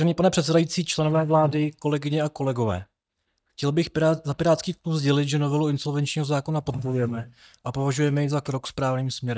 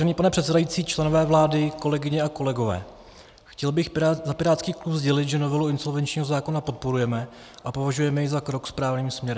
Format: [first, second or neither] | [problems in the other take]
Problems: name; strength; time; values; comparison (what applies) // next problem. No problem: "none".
second | noise reduction (neural mask model DeepFilterNet 3)